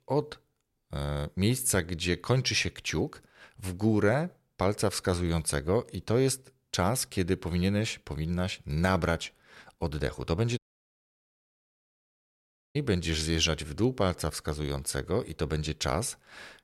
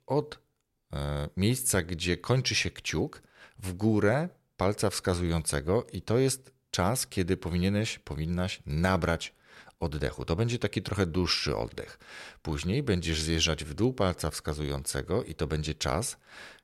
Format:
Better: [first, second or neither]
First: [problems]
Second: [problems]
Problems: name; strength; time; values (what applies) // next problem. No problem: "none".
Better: second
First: audio cutting out; at 11 s for 2 s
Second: none